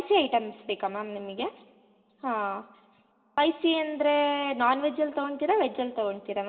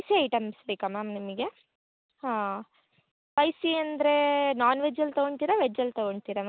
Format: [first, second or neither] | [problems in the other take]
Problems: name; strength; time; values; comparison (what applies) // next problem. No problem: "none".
second | room echo; dies away in 2.8 s